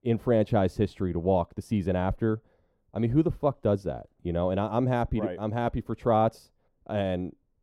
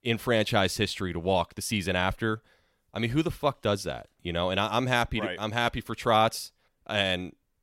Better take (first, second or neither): second